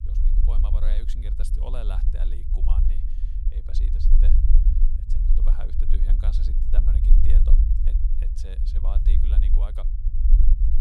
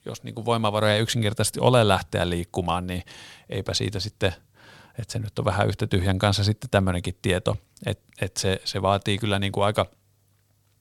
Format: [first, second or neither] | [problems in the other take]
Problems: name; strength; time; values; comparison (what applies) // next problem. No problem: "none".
second | low rumble; loud; throughout; 1 dB below the speech